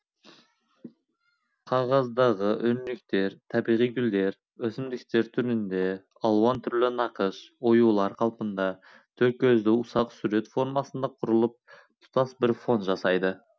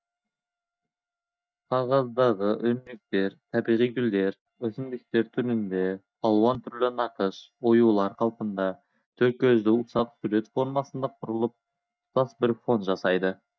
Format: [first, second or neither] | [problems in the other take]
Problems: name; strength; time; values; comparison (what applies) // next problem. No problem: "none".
first | noise reduction (neural mask model DeepFilterNet 3)